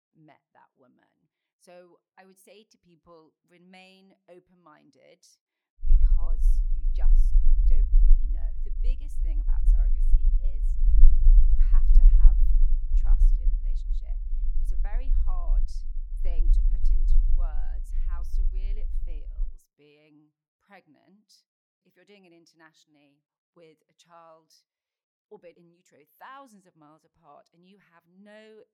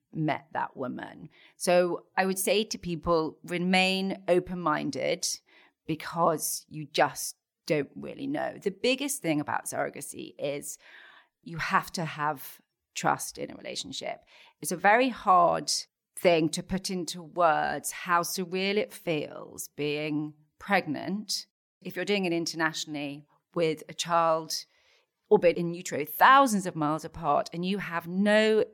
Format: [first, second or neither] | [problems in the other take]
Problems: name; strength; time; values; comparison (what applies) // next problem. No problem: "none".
second | low rumble; loud; from 6 to 19 s; 1 dB below the speech